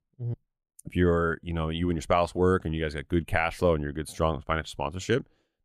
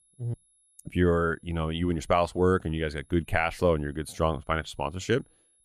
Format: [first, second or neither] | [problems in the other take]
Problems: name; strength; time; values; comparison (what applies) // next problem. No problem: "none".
first | high-pitched whine; faint; throughout; 11 kHz, 35 dB below the speech